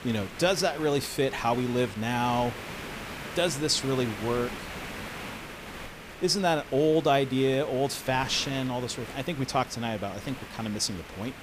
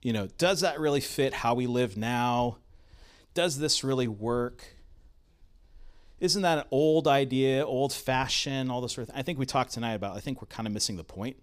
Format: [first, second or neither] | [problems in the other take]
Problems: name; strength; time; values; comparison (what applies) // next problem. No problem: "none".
second | hiss; noticeable; throughout; 10 dB below the speech